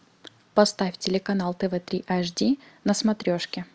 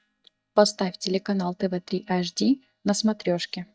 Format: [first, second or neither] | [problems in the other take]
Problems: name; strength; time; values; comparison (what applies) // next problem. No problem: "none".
first | noise reduction (neural mask model DeepFilterNet 3)